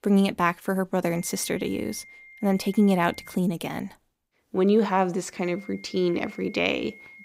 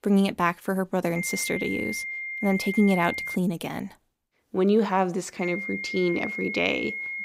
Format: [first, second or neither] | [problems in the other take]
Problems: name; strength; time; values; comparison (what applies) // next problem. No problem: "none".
first | high-pitched whine; loud; from 1 to 3.5 s and from 5.5 s on; 2 kHz, 5 dB below the speech; faint in the first